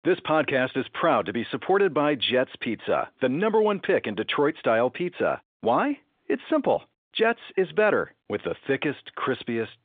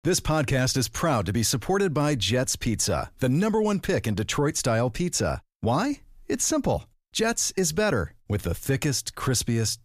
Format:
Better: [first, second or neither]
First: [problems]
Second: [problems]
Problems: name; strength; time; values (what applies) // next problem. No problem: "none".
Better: second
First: phone-call audio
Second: none